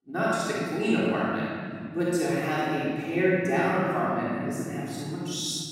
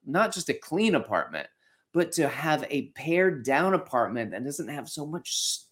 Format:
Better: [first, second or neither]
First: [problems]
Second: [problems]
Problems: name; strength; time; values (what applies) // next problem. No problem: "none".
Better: second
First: off-mic speech; far // room echo; strong; dies away in 3 s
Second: none